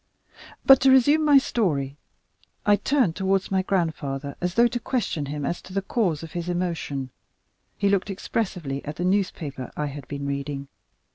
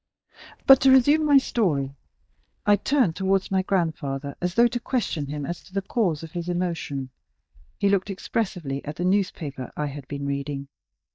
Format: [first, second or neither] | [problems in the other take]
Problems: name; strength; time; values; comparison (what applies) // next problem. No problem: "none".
first | noise reduction (neural mask model DeepFilterNet 3)